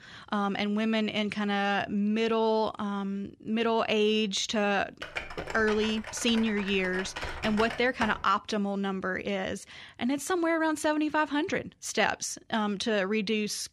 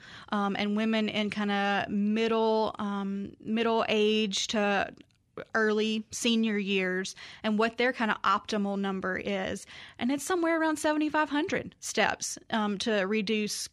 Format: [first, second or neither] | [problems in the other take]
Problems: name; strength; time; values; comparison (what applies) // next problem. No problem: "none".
second | keyboard typing; noticeable; from 5 to 8 s; peak 7 dB below the speech